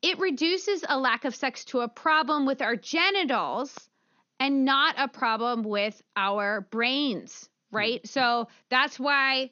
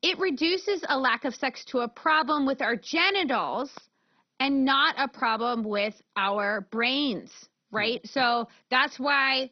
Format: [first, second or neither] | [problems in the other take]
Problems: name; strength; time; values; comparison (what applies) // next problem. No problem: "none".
first | garbled, watery; badly; nothing above 5 kHz; slightly in the first